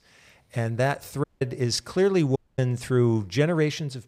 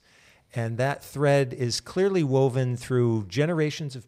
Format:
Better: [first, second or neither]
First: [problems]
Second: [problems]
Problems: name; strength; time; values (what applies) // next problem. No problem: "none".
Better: second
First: audio cutting out; at 1 s and at 2.5 s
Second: none